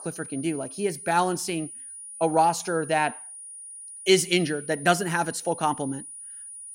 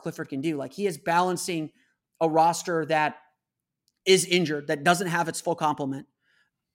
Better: second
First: high-pitched whine; noticeable; throughout; 9.5 kHz, 15 dB below the speech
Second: none

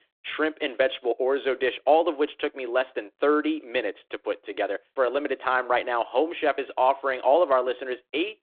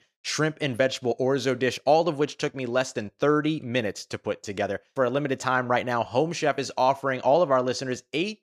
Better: second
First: phone-call audio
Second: none

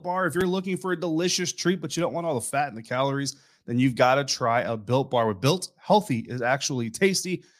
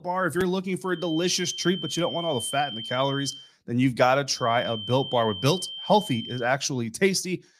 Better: first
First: none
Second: high-pitched whine; loud; from 1 to 3.5 s and from 4.5 to 6.5 s; 3 kHz, 9 dB below the speech

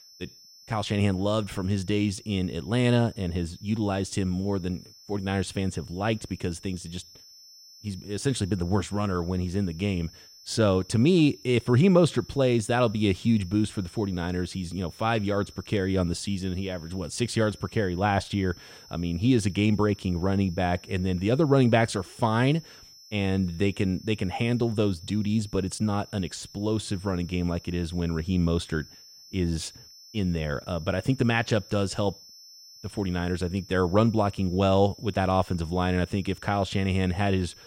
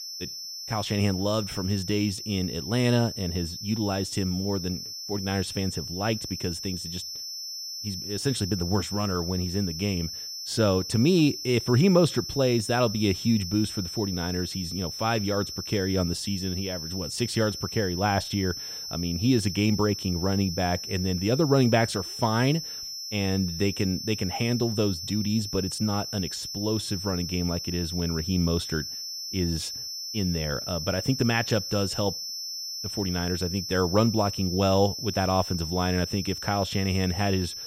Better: first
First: high-pitched whine; faint; throughout; 5.5 kHz, 20 dB below the speech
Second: high-pitched whine; loud; throughout; 5.5 kHz, 6 dB below the speech

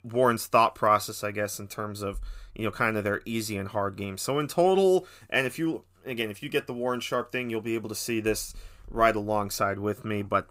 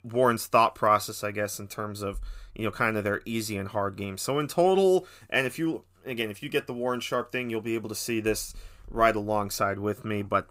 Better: neither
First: none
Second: none

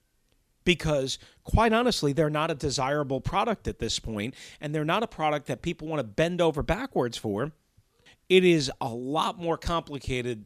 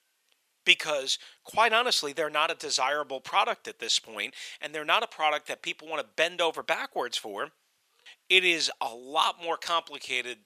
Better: first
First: none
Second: thin; very; fading below 750 Hz

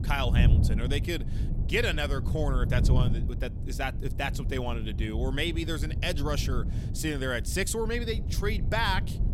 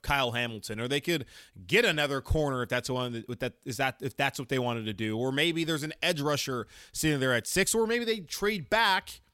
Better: second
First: wind noise on the microphone; occasional gusts; 10 dB below the speech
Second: none

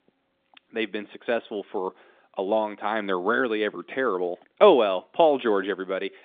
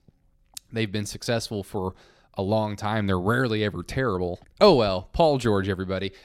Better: second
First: phone-call audio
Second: none

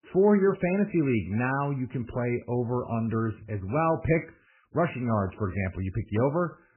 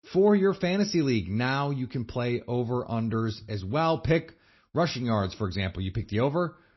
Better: second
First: garbled, watery; badly; nothing above 2.5 kHz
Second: garbled, watery; slightly; nothing above 5.5 kHz

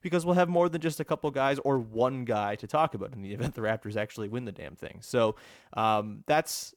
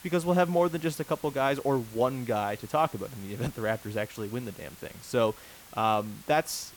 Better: first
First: none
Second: hiss; noticeable; throughout; 20 dB below the speech

